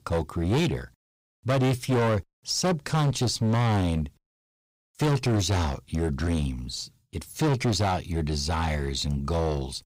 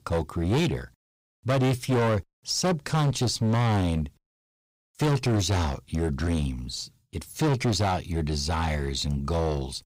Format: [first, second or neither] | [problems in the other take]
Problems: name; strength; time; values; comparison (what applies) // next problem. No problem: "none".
neither | distortion; heavy; 14% of the sound clipped; the same in both